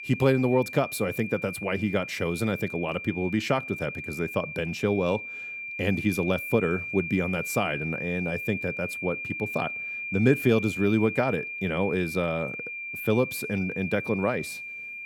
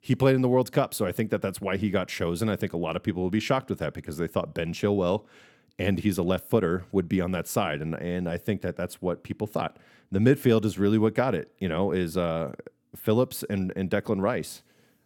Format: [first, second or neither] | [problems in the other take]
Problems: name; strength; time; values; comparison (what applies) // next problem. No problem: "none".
second | high-pitched whine; loud; throughout; 2.5 kHz, 6 dB below the speech